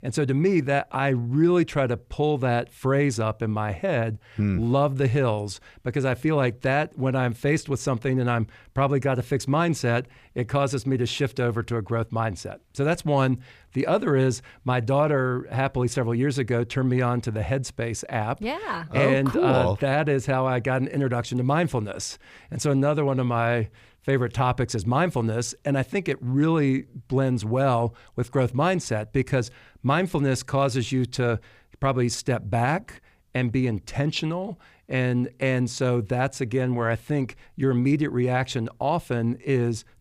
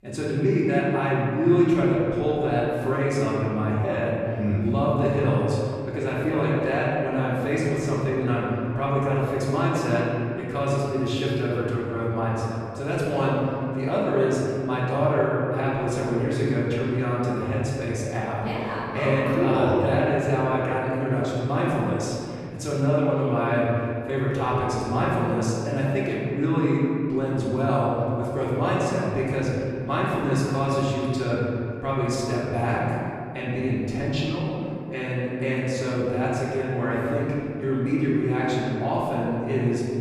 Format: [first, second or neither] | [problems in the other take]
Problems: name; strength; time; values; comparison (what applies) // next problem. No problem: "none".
first | off-mic speech; far // room echo; strong; dies away in 2.2 s